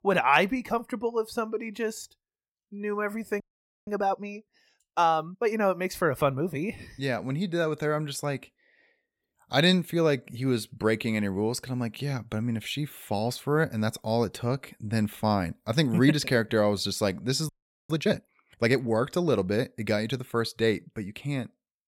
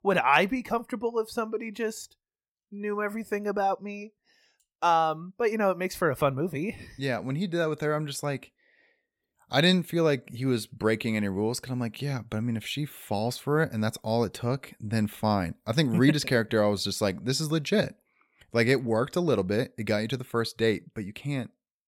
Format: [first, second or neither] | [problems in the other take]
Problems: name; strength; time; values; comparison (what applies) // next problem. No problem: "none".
second | audio freezing; at 3.5 s and at 17 s